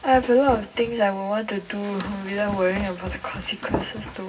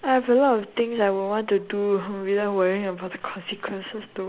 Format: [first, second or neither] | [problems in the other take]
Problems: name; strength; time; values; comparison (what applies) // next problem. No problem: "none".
second | background sound (Run); 11 dB below the speech // room echo; dies away in 0.4 s